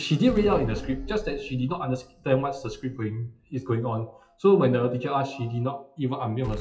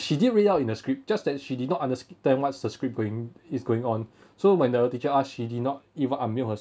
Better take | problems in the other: second | noise reduction (classical method WPE with log-MMSE)

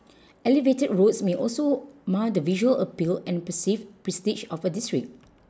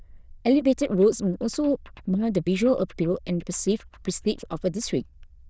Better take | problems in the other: first | noise reduction (neural diffusion model UNIVERSE++)

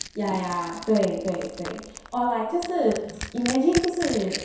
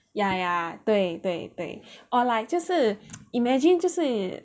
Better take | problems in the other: second | background sound (Crushing); 12 dB below the speech // room echo; dies away in 0.7 s

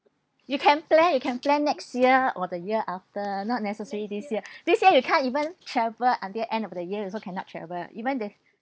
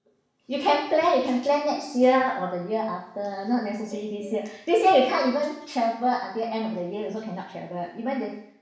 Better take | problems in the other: first | room echo; dies away in 0.7 s

